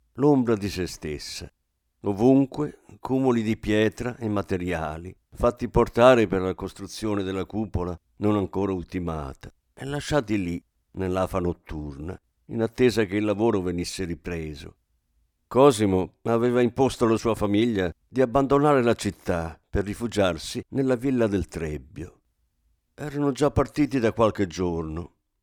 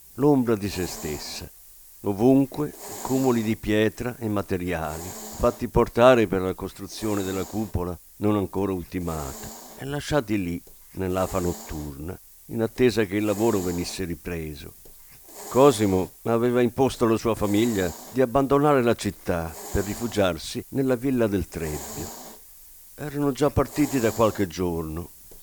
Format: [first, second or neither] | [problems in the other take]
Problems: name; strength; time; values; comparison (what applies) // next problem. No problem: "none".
first | hiss; noticeable; throughout; 15 dB below the speech